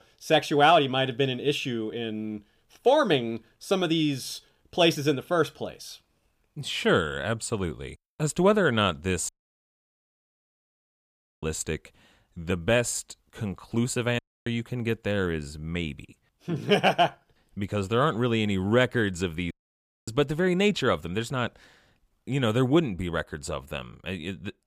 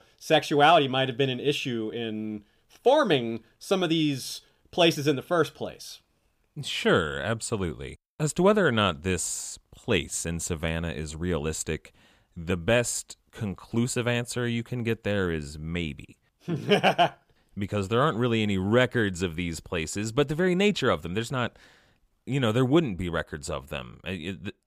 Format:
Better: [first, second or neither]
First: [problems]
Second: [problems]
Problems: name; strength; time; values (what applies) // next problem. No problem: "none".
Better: second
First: audio cutting out; at 9.5 s for 2 s, at 14 s and at 20 s for 0.5 s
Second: none